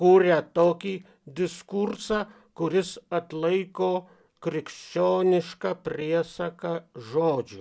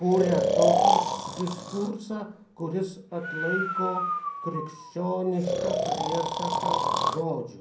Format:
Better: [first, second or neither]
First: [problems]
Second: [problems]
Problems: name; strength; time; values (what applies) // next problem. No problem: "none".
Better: first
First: none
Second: background sound (Breathing); 2 dB above the speech // room echo; dies away in 0.6 s